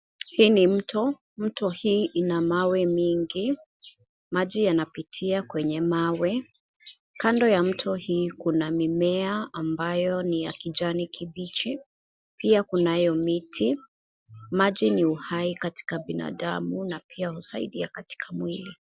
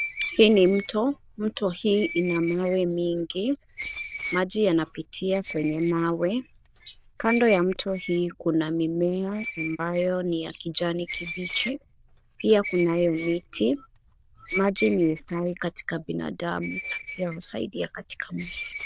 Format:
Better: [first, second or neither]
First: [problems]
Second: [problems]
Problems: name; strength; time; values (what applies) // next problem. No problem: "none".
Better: first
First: none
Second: noise reduction (neural diffusion model UNIVERSE++)